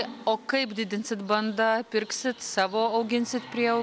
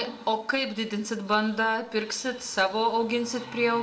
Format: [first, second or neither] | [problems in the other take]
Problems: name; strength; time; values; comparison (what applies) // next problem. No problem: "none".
first | room echo; dies away in 0.4 s